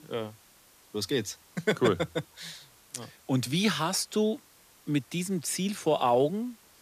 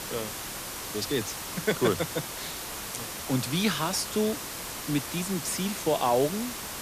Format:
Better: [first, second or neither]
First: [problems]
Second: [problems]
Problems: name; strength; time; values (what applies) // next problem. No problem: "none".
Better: first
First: hiss; faint; throughout; 25 dB below the speech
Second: hiss; loud; throughout; 5 dB below the speech